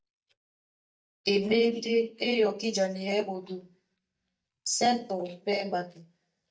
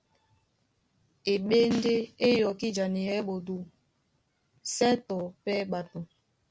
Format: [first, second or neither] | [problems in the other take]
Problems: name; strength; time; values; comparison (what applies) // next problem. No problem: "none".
second | noise reduction (neural mask model DeepFilterNet 3)